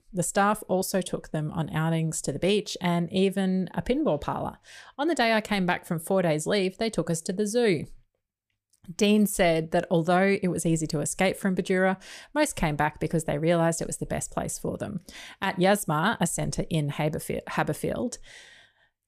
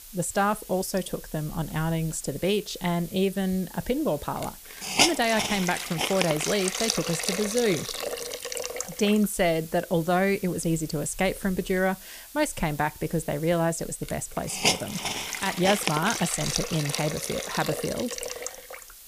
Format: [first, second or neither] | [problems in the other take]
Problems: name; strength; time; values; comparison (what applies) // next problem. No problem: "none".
first | hiss; loud; throughout; 1 dB below the speech